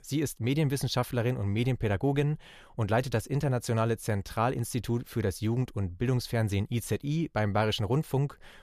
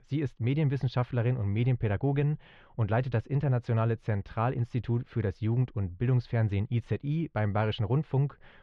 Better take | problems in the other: first | muffled; slightly; fading above 3 kHz

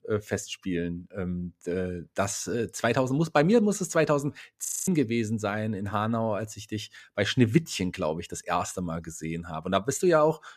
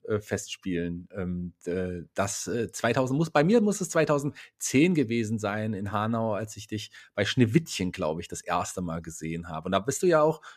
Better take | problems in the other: second | audio freezing; at 4.5 s

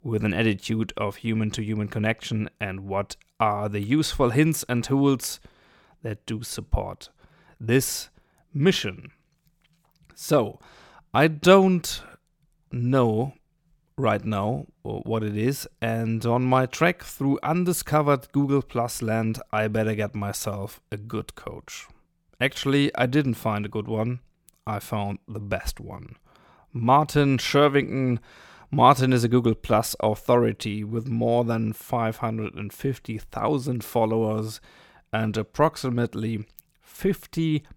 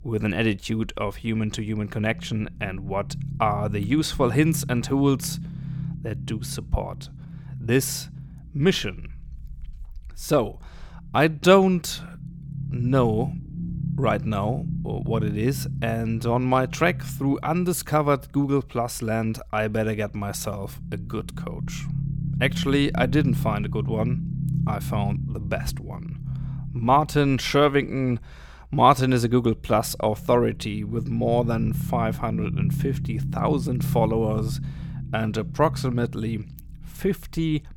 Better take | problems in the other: first | low rumble; noticeable; throughout; 15 dB below the speech

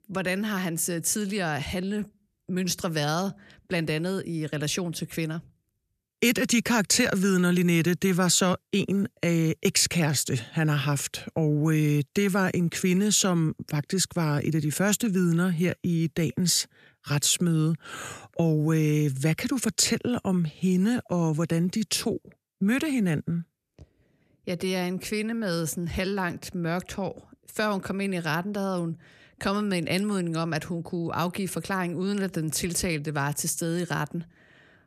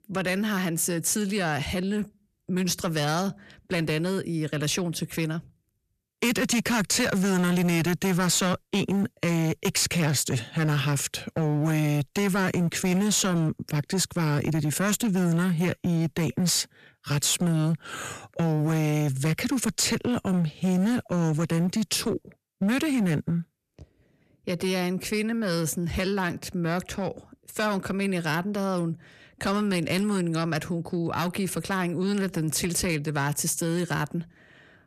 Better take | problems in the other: first | distortion; slight; 12% of the sound clipped

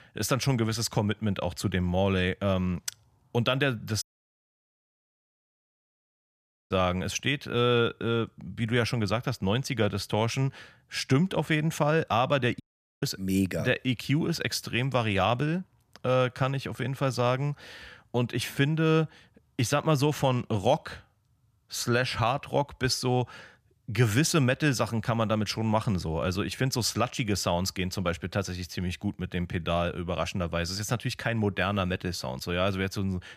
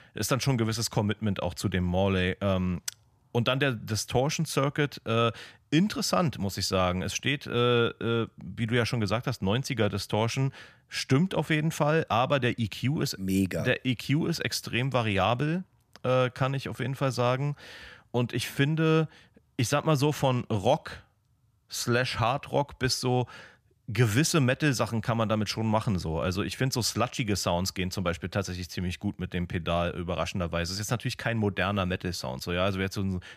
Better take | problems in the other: second | audio cutting out; at 4 s for 2.5 s and at 13 s

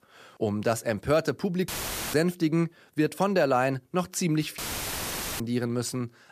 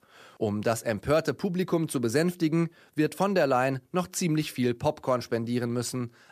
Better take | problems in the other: second | audio cutting out; filled with static; at 1.5 s and at 4.5 s for 1 s

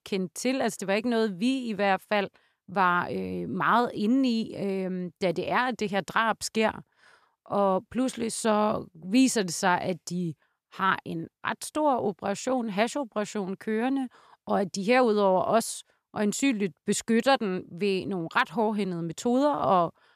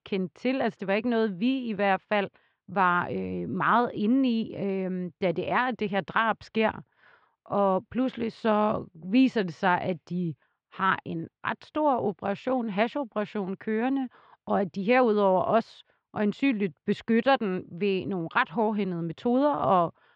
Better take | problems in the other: first | muffled; slightly; fading above 3.5 kHz

